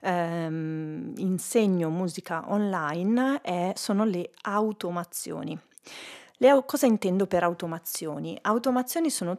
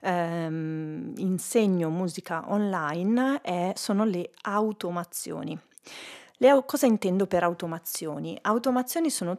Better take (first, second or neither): neither